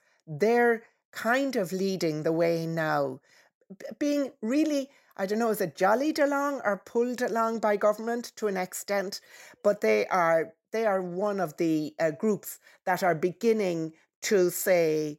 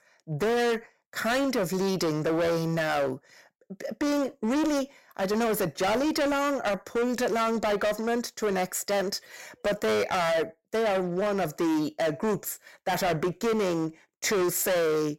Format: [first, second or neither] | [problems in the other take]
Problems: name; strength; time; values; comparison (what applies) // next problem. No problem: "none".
first | distortion; heavy; 24% of the sound clipped